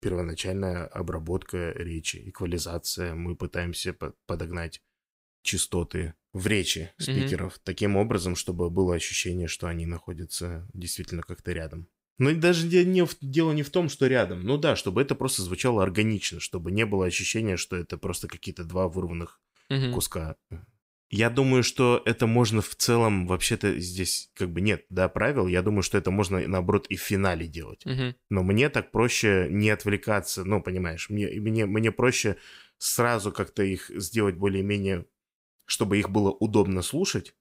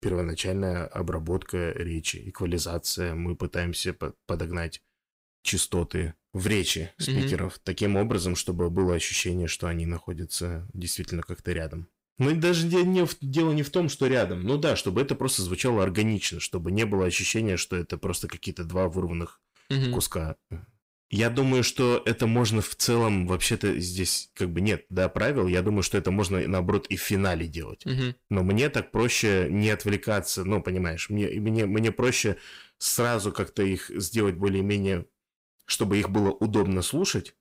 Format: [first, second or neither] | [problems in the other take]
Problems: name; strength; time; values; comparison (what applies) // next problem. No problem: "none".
first | distortion; slight; 10 dB below the speech